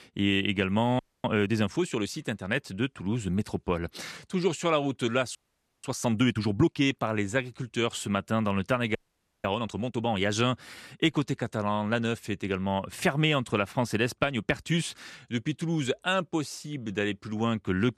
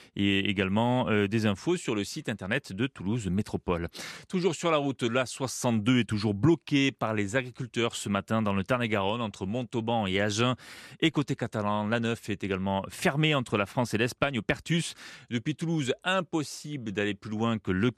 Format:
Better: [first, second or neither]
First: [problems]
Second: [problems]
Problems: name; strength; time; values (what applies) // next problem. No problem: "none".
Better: second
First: audio freezing; at 1 s, at 5.5 s and at 9 s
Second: none